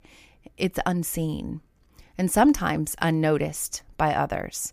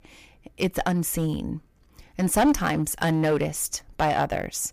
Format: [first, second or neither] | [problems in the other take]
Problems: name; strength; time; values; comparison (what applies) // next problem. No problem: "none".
first | distortion; slight; 5% of the sound clipped